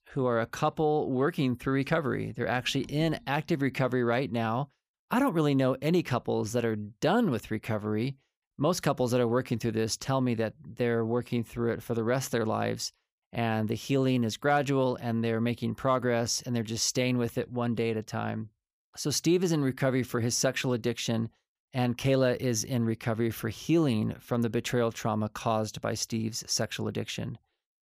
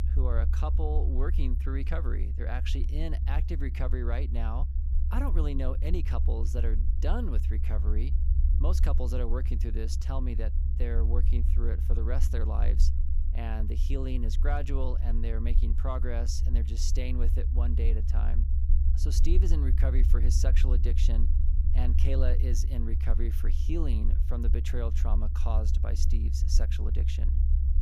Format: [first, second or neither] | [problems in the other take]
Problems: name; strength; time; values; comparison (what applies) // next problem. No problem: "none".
first | low rumble; loud; throughout; 7 dB below the speech